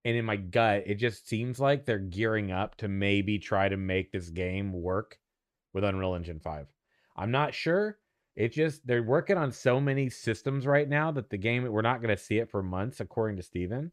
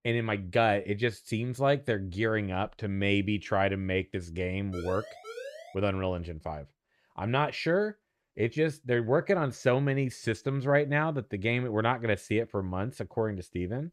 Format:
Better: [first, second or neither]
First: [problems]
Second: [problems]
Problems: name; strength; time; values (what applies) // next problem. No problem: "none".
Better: first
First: none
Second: siren; faint; from 4.5 to 5.5 s; peak 10 dB below the speech